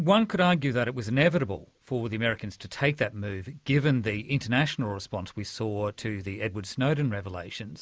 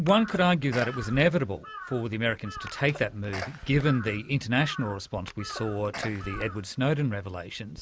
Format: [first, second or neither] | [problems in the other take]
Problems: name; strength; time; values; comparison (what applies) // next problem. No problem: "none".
first | background sound (Sneeze + Bird vocalization, bird call, bird song / Crow); 14 dB below the speech